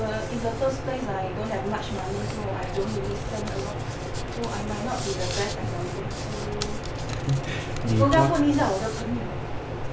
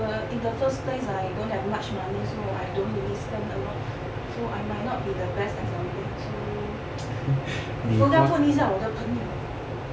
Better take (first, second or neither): second